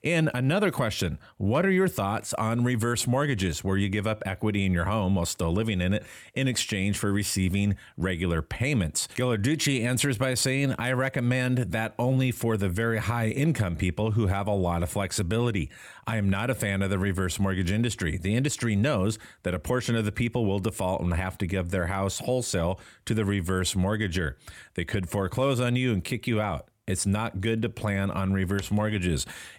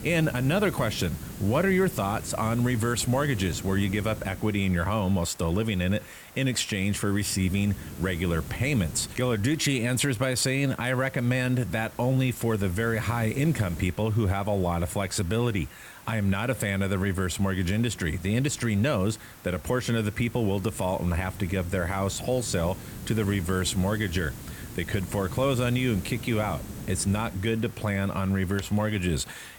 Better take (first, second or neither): first